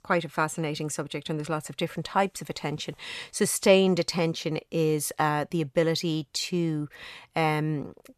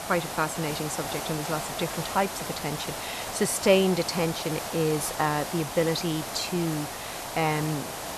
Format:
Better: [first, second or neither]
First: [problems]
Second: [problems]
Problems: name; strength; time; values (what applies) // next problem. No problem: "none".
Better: first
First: none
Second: hiss; loud; throughout; 5 dB below the speech